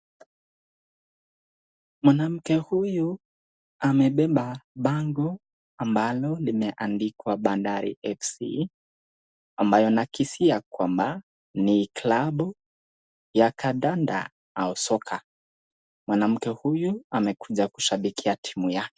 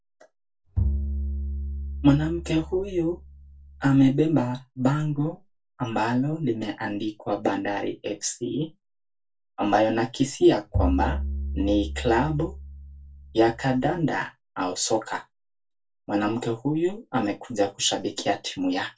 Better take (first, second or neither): first